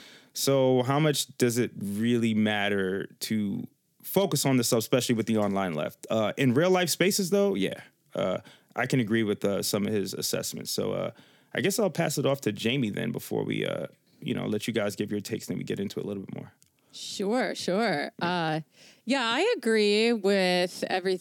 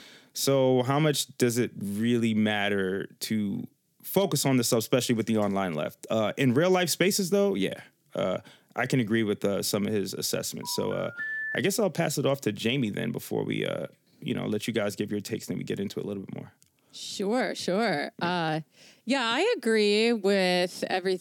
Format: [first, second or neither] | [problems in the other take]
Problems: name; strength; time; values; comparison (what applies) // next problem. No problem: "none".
first | phone ringing; noticeable; at 11 s; peak 4 dB below the speech